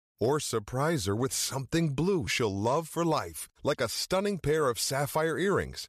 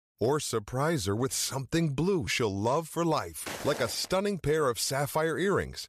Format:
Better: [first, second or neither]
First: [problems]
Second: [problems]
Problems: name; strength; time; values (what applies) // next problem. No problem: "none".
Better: first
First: none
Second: footsteps; noticeable; at 3.5 s; peak 8 dB below the speech